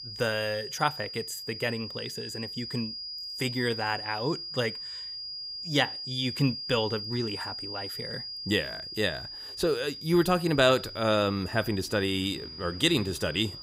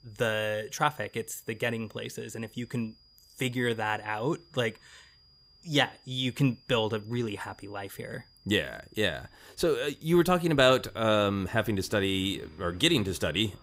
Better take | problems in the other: second | high-pitched whine; loud; throughout; 5 kHz, 8 dB below the speech; faint in the second

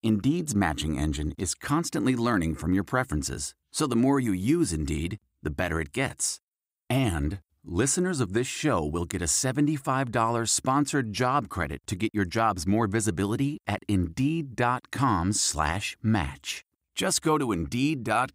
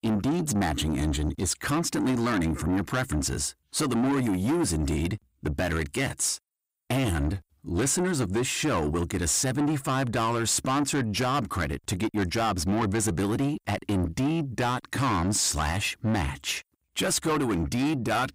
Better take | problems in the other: first | distortion; heavy; 7 dB below the speech

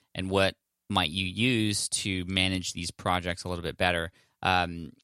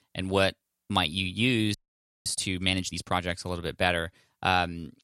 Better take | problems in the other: first | audio freezing; at 1.5 s for 0.5 s

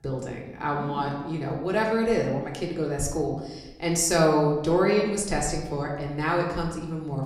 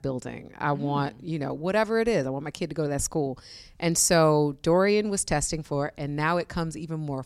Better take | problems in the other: second | room echo; slight; dies away in 0.9 s // off-mic speech; somewhat distant

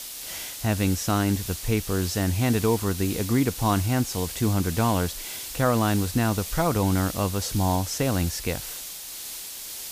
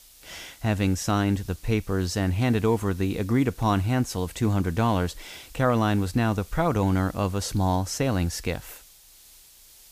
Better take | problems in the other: second | hiss; loud; throughout; 8 dB below the speech; faint in the second

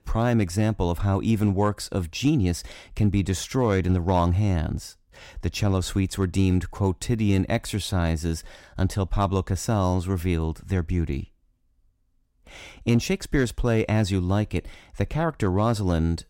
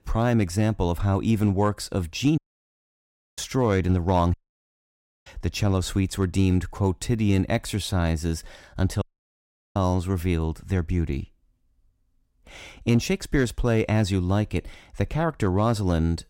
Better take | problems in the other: first | audio cutting out; at 2.5 s for 1 s, at 4.5 s for 1 s and at 9 s for 0.5 s

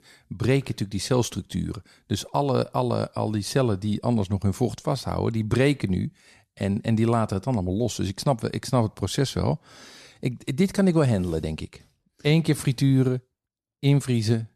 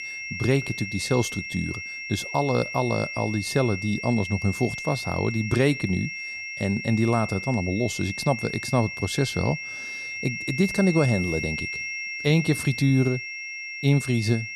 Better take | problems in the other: first | high-pitched whine; loud; throughout; 2 kHz, 6 dB below the speech

